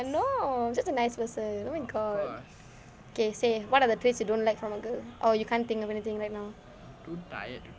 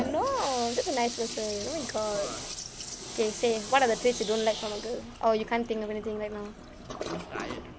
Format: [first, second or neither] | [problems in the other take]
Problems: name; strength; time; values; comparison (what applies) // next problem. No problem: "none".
first | background sound (Toilet flush); 9 dB below the speech